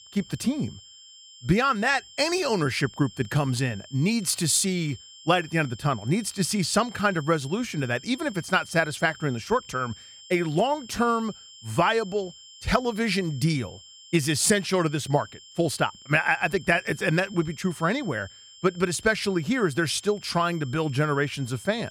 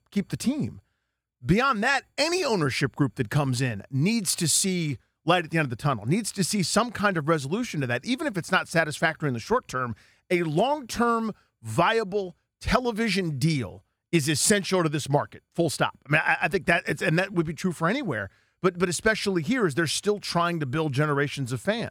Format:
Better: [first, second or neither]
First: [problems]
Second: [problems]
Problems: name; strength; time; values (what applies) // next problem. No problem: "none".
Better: second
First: high-pitched whine; noticeable; throughout; 3 kHz, 20 dB below the speech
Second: none